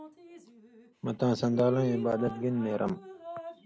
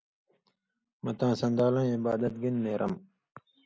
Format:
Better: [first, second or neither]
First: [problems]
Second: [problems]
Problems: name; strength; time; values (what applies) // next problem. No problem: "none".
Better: second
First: background sound (Drip); 13 dB below the speech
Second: none